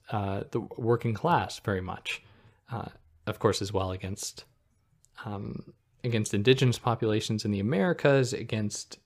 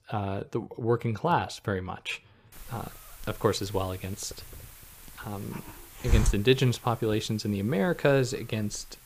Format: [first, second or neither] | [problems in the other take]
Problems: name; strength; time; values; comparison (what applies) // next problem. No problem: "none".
first | hiss; loud; from 2.5 s on; 9 dB below the speech